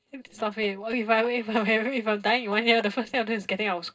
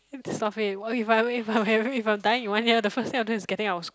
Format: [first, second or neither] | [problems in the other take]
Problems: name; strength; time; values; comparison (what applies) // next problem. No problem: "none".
second | noise reduction (neural separator model SepFormer DNS4)